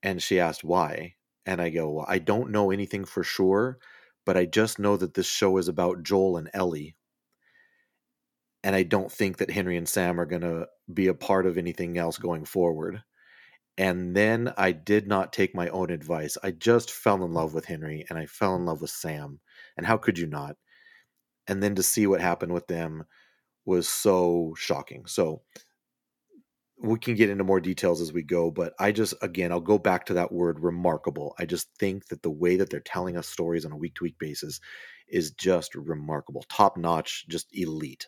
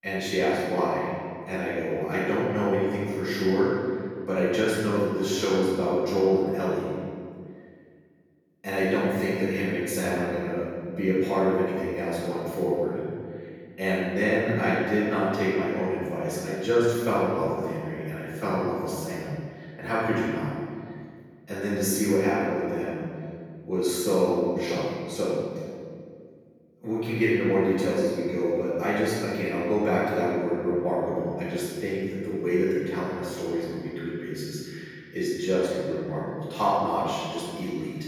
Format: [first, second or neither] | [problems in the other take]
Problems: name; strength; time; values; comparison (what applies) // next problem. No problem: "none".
first | room echo; strong; dies away in 1.9 s // off-mic speech; far